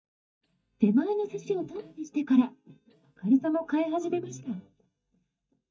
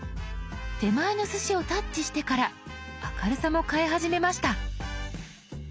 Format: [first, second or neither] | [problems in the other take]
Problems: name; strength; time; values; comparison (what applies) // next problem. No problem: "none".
second | noise reduction (neural mask model DeepFilterNet 3)